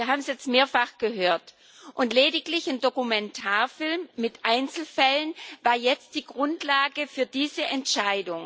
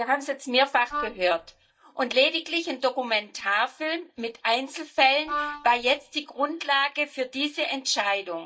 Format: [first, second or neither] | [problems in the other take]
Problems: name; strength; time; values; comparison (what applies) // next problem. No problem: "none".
first | noise reduction (neural mask model DeepFilterNet 3)